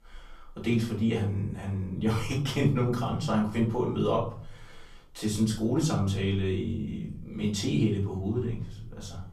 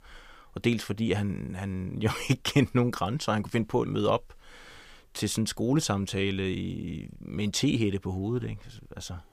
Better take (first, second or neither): second